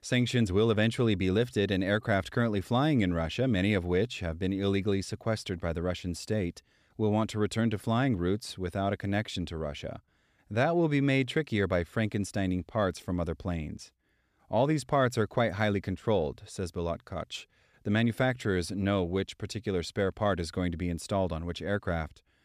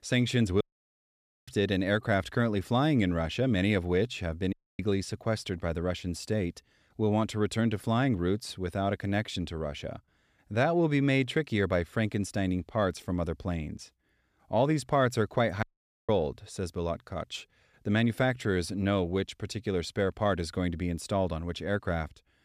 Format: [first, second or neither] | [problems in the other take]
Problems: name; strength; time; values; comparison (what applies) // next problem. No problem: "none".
first | audio cutting out; at 0.5 s for 1 s, at 4.5 s and at 16 s